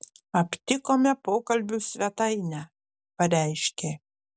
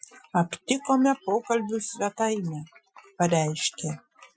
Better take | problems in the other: first | noise reduction (classical method Wiener filter)

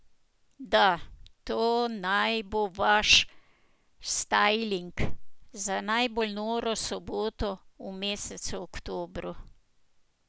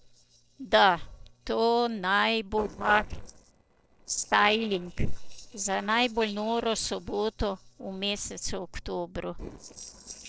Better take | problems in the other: first | noise reduction (neural separator model SepFormer DNS4)

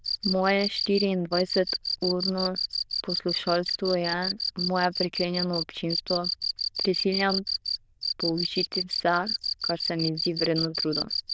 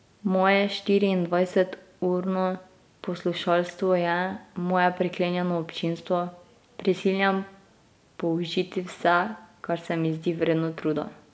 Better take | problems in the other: second | noise reduction (neural diffusion model UNIVERSE++)

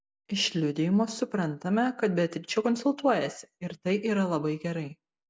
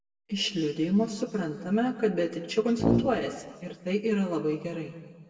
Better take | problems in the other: first | background sound (Brass instrument); 1 dB above the speech // room echo; dies away in 1.4 s

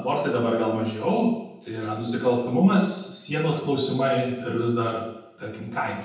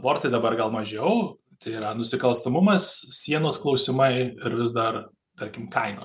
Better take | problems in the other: second | room echo; dies away in 0.8 s

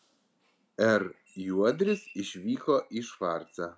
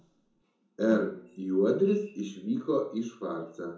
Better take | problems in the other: first | background sound (Snare drum); 18 dB below the speech // room echo; dies away in 0.5 s

